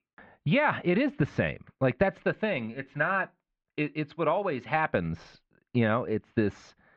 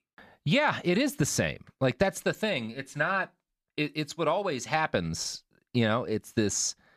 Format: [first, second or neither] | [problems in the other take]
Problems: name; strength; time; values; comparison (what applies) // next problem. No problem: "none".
second | muffled; very; fading above 2.5 kHz